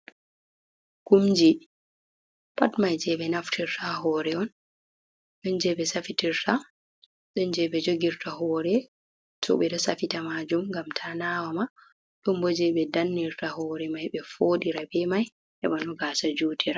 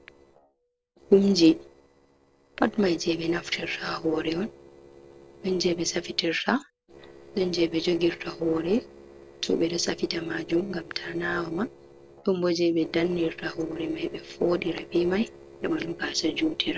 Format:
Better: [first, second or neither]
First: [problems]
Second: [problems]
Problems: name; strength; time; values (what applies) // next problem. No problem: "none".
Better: first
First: none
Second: noise reduction (neural separator model SepFormer DNS4)